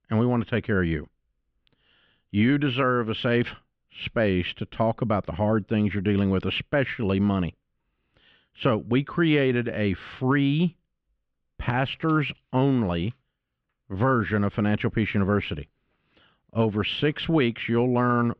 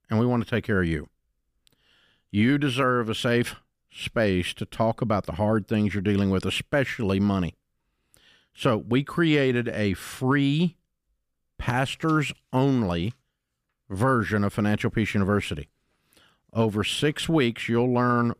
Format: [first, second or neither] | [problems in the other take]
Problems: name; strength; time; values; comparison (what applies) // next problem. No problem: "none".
second | muffled; slightly; fading above 3 kHz